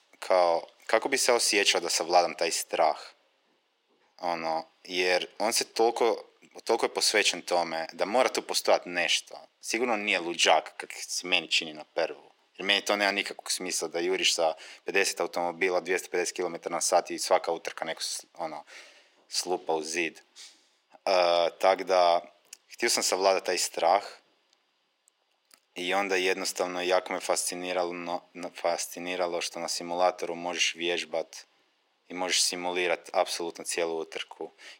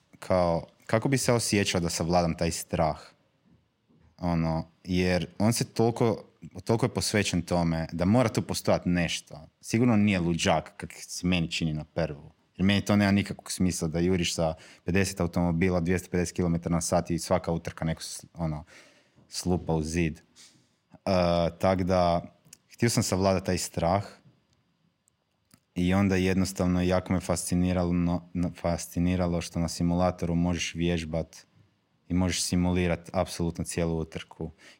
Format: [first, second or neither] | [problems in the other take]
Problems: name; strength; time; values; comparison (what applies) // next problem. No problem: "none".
second | thin; very; fading below 400 Hz